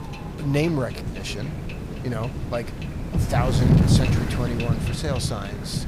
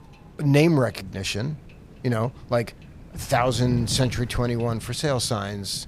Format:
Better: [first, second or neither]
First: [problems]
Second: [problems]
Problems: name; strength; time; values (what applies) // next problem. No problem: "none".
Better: second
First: wind noise on the microphone; heavy; 3 dB below the speech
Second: wind noise on the microphone; occasional gusts; 20 dB below the speech